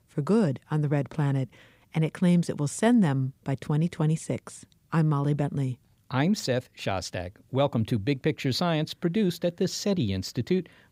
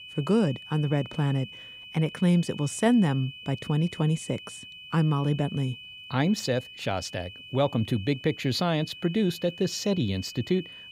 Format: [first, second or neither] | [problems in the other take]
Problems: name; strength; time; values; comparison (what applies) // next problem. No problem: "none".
first | high-pitched whine; noticeable; throughout; 3 kHz, 15 dB below the speech